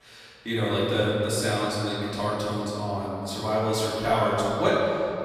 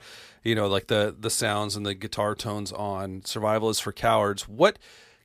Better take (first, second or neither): second